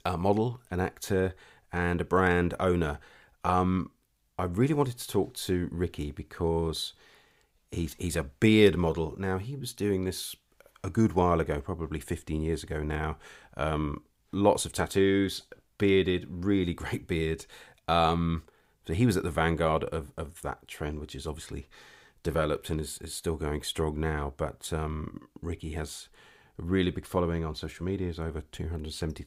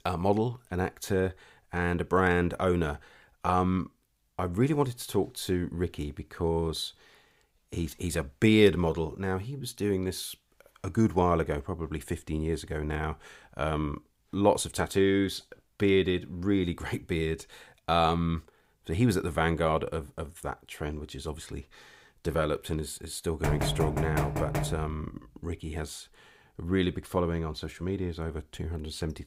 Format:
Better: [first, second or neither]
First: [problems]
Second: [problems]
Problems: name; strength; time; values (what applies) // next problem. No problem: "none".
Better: first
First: none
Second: door banging; noticeable; from 23 to 25 s; peak level with the speech